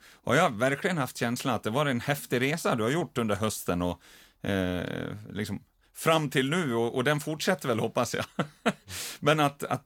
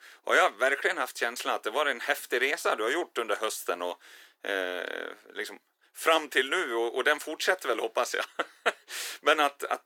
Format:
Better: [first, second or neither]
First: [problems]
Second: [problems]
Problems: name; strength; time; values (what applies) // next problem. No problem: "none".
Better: first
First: none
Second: thin; very; fading below 350 Hz